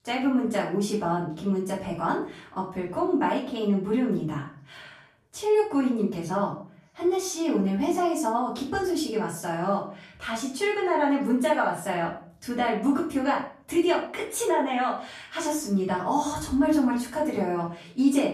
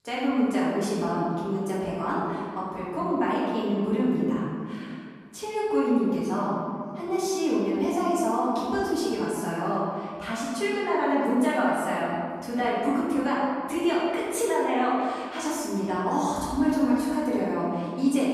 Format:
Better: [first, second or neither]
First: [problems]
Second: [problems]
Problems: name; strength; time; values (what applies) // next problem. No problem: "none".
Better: first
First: room echo; slight; dies away in 0.4 s // off-mic speech; far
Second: room echo; strong; dies away in 1.9 s // off-mic speech; far